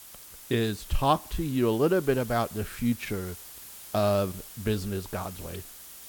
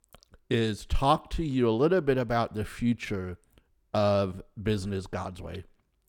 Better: second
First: hiss; noticeable; throughout; 15 dB below the speech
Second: none

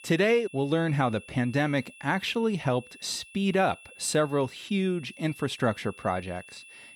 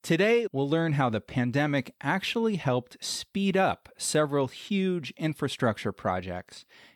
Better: second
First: high-pitched whine; faint; throughout; 2.5 kHz, 20 dB below the speech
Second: none

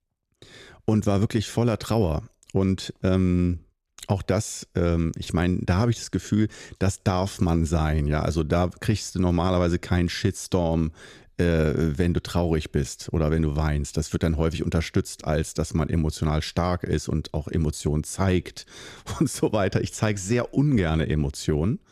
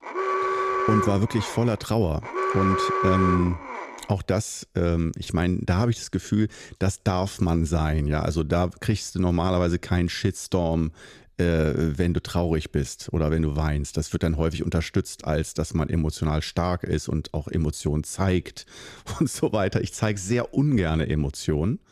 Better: first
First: none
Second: alarm; loud; until 4 s; peak 2 dB above the speech

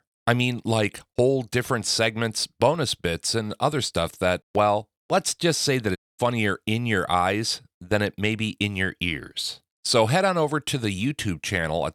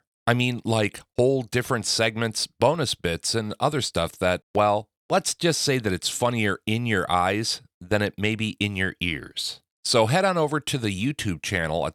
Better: second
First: audio cutting out; at 6 s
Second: none

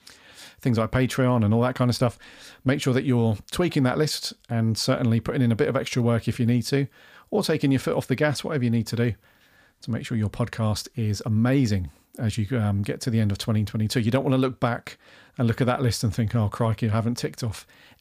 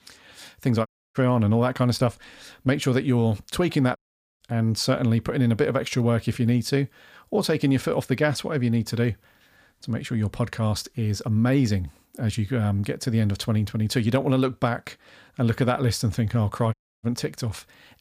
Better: first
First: none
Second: audio cutting out; at 1 s, at 4 s and at 17 s

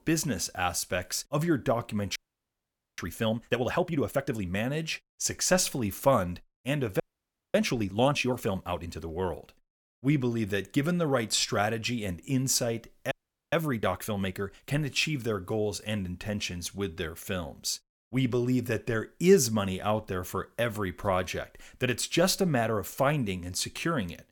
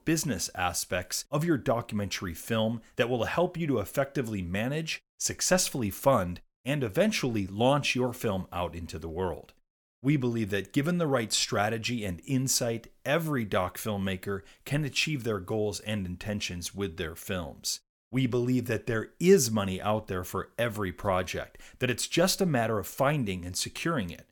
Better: second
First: audio freezing; at 2 s for 1 s, at 7 s for 0.5 s and at 13 s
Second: none

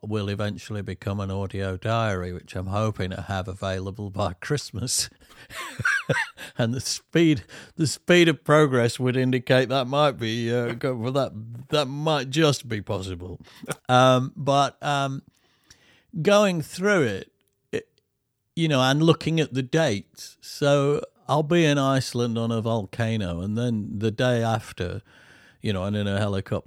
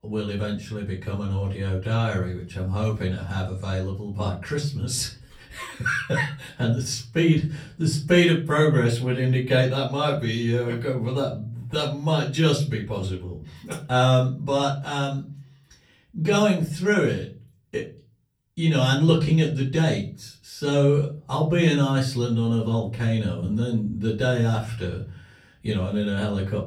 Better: first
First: none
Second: off-mic speech; far // room echo; slight; dies away in 0.4 s

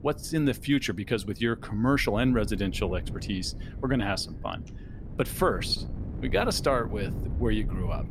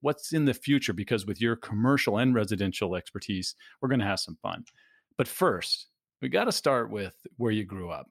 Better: second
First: wind noise on the microphone; occasional gusts; 20 dB below the speech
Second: none

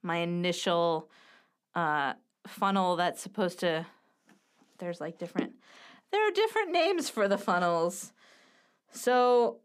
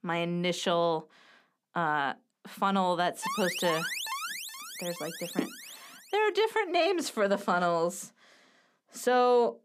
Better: first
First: none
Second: alarm; noticeable; from 3 to 6 s; peak 3 dB below the speech

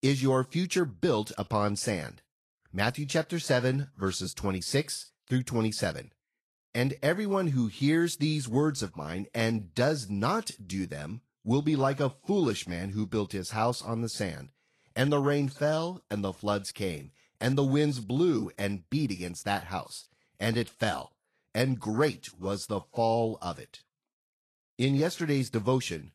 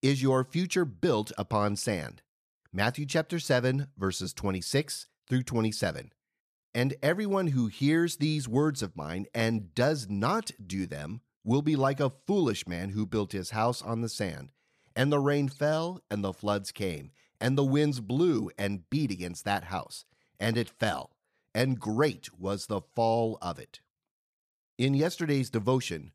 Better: second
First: garbled, watery; slightly; nothing above 12.5 kHz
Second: none

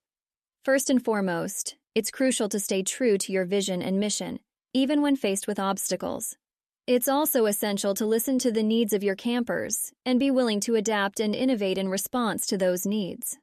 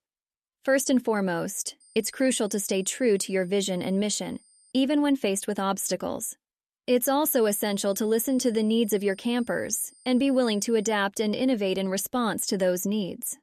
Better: first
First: none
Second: high-pitched whine; faint; from 2 to 4.5 s and from 7.5 to 11 s; 9 kHz, 30 dB below the speech

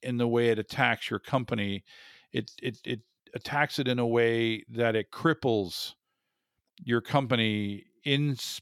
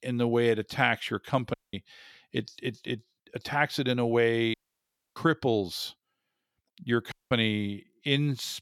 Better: first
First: none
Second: audio cutting out; at 1.5 s, at 4.5 s for 0.5 s and at 7 s

